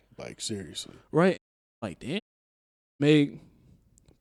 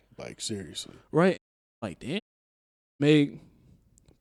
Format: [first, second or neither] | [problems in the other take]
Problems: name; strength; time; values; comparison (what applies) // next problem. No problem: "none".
neither | audio cutting out; at 1.5 s and at 2 s for 1 s; the same in both